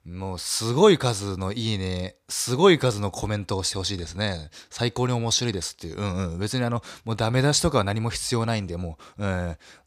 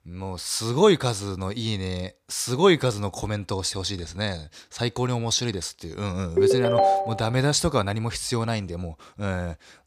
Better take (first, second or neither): first